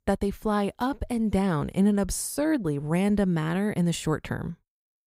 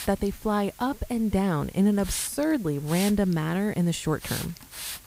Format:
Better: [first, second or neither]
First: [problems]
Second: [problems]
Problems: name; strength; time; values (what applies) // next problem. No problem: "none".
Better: first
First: none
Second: hiss; noticeable; throughout; 10 dB below the speech